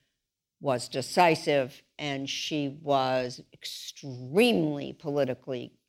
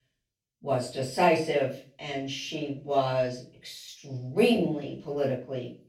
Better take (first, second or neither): first